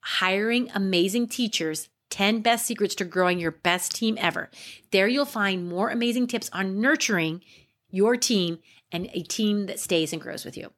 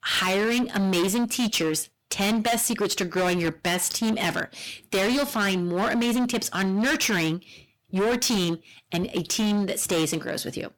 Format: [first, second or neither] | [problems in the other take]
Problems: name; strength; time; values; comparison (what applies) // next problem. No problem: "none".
first | distortion; heavy; 24% of the sound clipped